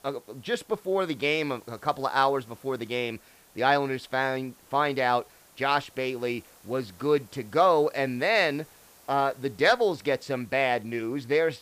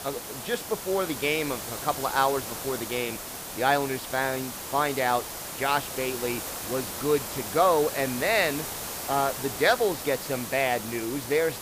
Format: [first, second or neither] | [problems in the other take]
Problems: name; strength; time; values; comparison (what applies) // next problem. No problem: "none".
first | hiss; loud; throughout; 7 dB below the speech; faint in the first